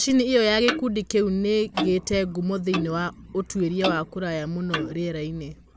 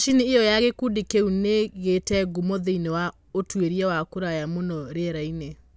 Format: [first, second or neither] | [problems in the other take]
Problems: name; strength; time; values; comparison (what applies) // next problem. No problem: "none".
second | background sound (Clock); 10 dB below the speech